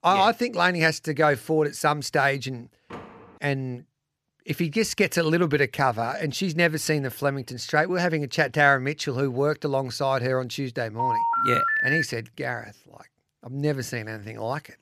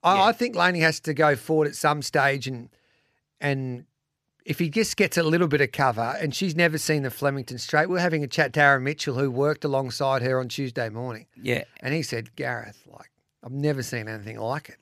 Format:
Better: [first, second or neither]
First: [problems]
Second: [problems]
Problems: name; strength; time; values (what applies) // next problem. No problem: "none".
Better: second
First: door banging; faint; at 3 s; peak 15 dB below the speech // phone ringing; loud; from 11 to 12 s; peak 3 dB above the speech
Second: none